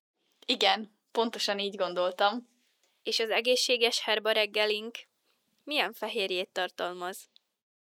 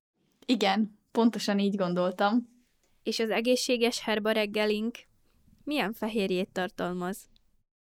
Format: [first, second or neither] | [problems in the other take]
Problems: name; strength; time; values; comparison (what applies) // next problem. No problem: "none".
second | thin; somewhat; fading below 500 Hz